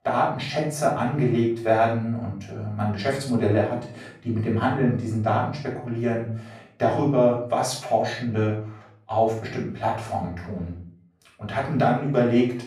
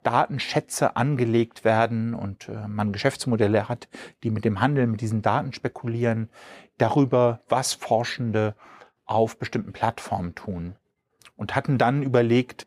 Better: second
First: off-mic speech; far // room echo; noticeable; dies away in 0.5 s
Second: none

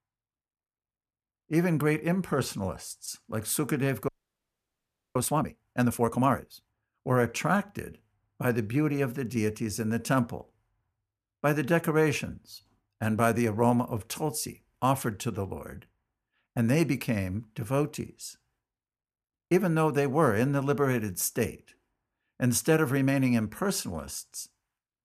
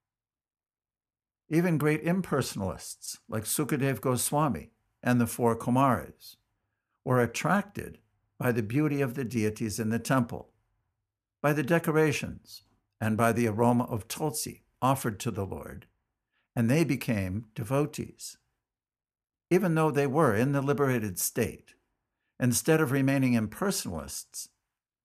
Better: second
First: audio freezing; at 4 s for 1 s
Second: none

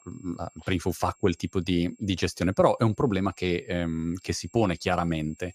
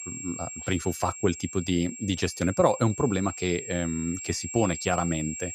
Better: first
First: high-pitched whine; faint; throughout; 7.5 kHz, 30 dB below the speech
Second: high-pitched whine; loud; throughout; 7.5 kHz, 9 dB below the speech

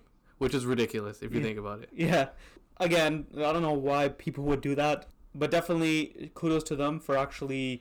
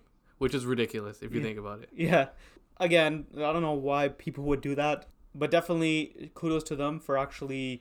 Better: second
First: distortion; slight; 6% of the sound clipped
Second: none

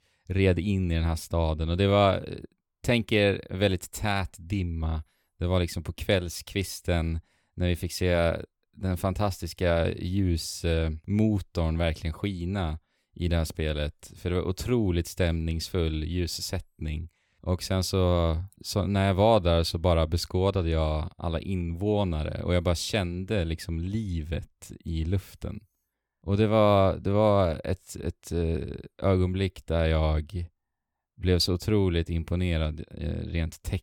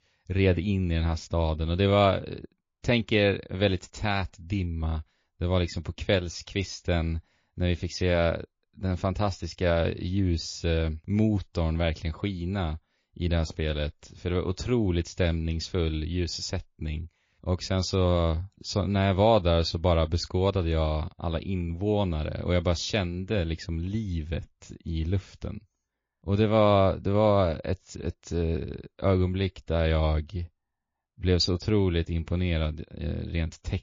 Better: first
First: none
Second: garbled, watery; slightly

